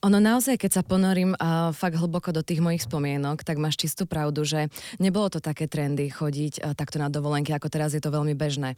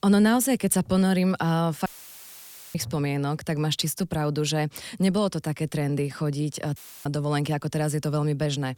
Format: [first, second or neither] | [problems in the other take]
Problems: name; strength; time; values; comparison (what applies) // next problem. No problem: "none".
first | audio cutting out; filled with static; at 2 s for 1 s and at 7 s